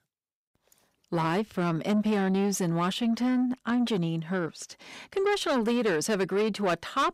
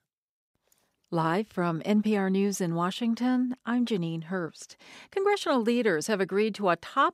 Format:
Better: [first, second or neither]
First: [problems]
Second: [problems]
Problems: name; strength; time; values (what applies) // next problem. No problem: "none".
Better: second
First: distortion; slight; 10 dB below the speech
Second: none